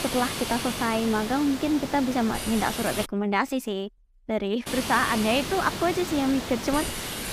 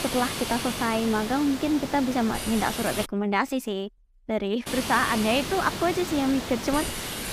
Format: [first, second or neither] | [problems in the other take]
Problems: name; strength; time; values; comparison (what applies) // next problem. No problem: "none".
neither | hiss; loud; until 3 s and from 4.5 s on; 6 dB below the speech; the same in both